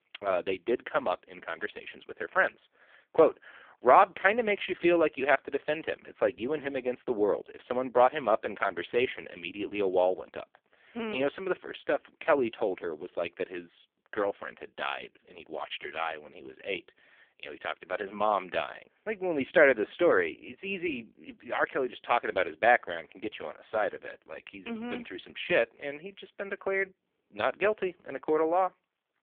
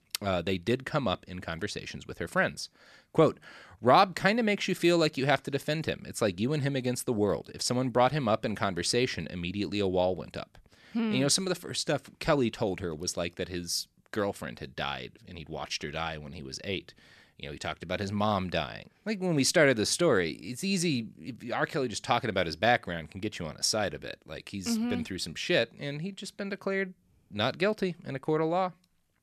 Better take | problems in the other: second | phone-call audio; poor line

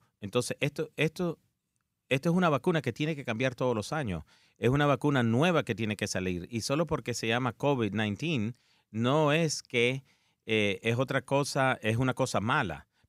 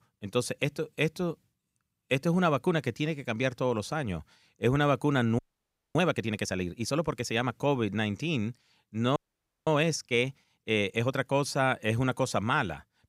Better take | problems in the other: first | audio freezing; at 5.5 s for 0.5 s and at 9 s for 0.5 s

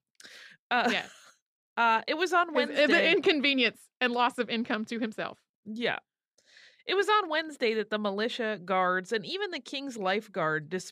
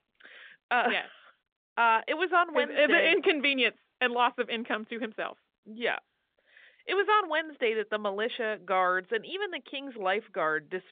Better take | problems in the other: first | phone-call audio; nothing above 3.5 kHz

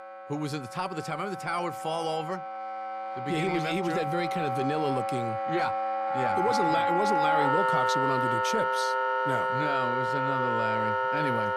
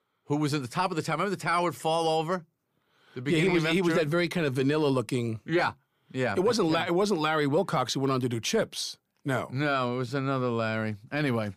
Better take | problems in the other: second | background music; very loud; throughout; 4 dB above the speech

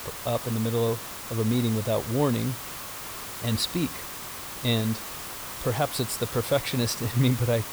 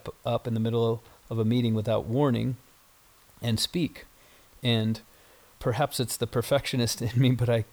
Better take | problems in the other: second | hiss; loud; throughout; 7 dB below the speech; faint in the second

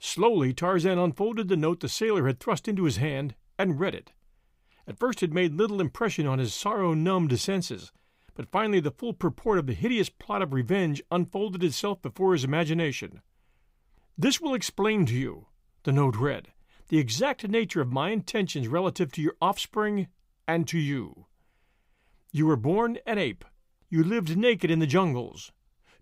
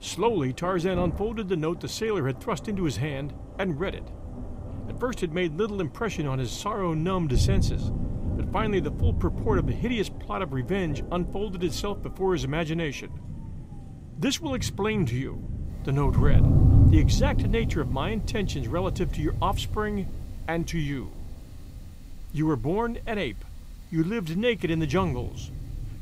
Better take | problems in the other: first | rain or running water; loud; throughout; 1 dB below the speech

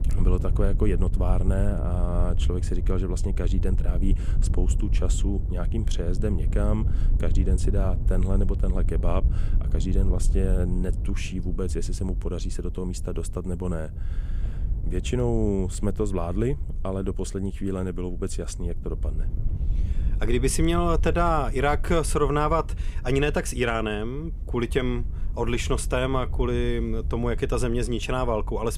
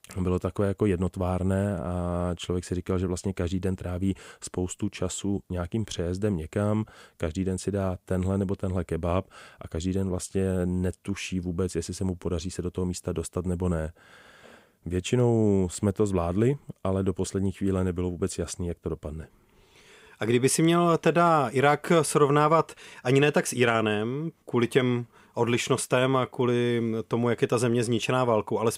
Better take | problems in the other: second | wind noise on the microphone; occasional gusts; 15 dB below the speech

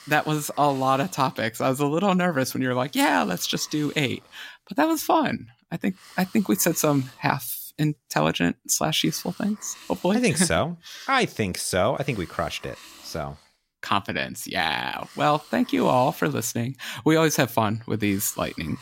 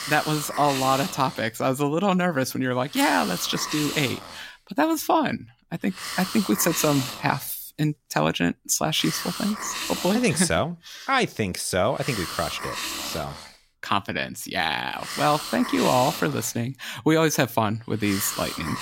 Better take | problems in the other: first | hiss; loud; throughout; 7 dB below the speech; faint in the first

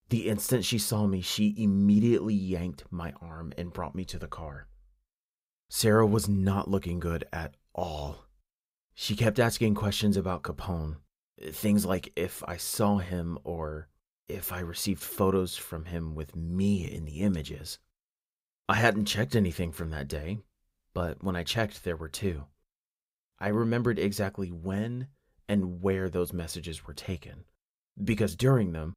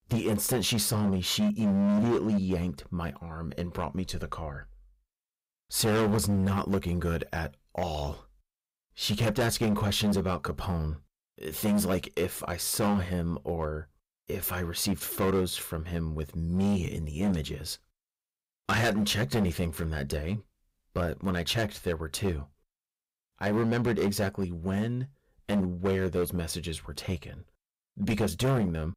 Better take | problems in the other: first | distortion; heavy; 9% of the sound clipped

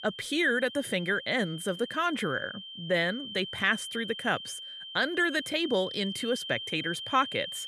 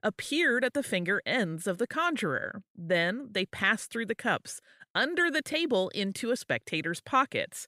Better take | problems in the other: second | high-pitched whine; loud; throughout; 3 kHz, 9 dB below the speech

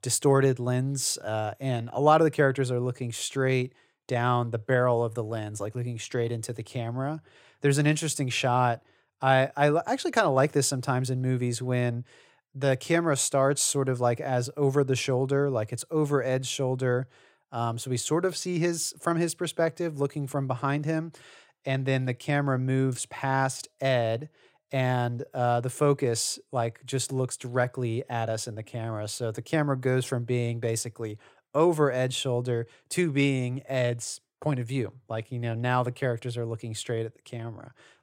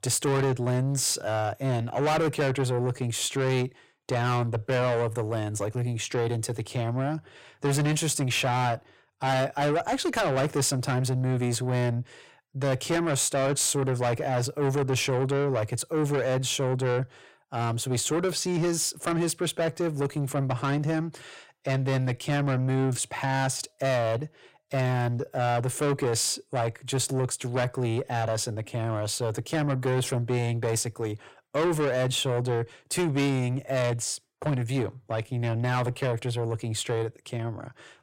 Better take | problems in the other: first | distortion; heavy; 7 dB below the speech

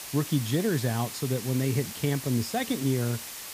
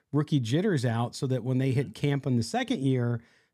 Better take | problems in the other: second | hiss; loud; throughout; 8 dB below the speech

